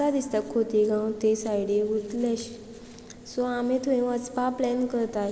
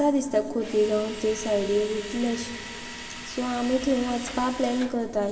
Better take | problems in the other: first | background sound (Drill); 14 dB below the speech // room echo; dies away in 3 s

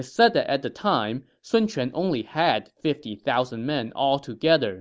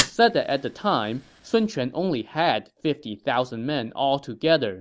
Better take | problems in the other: first | background sound (Fire); 13 dB below the speech

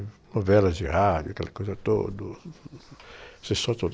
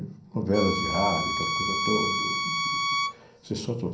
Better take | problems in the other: first | background sound (Bowed string instrument); 1 dB above the speech // room echo; dies away in 0.6 s

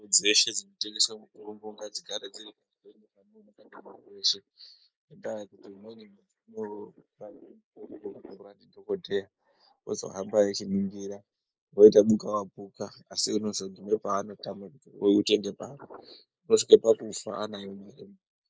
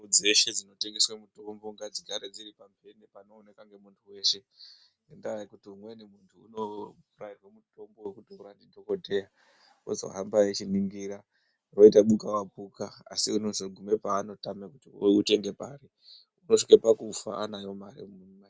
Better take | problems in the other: second | noise reduction (neural mask model Resemble Enhance denoiser)

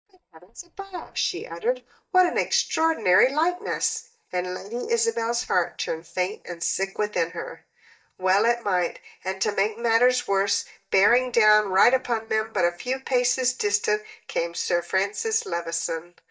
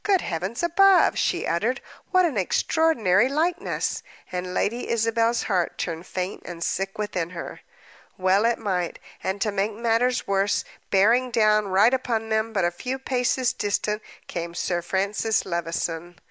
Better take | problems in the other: second | noise reduction (neural mask model DeepFilterNet 3)

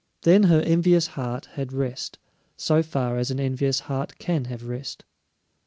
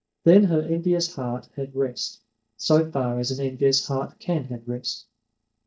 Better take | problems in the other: first | noise reduction (neural mask model DeepFilterNet 3)

